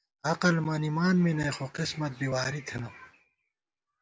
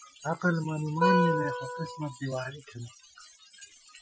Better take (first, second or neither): first